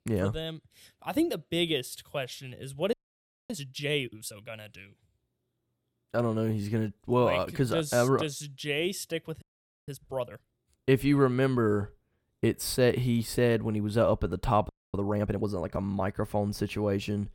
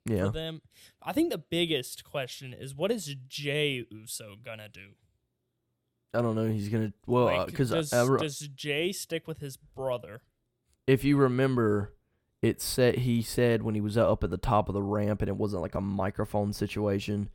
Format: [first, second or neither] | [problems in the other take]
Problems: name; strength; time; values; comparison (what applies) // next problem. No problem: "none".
second | audio freezing; at 3 s for 0.5 s, at 9.5 s and at 15 s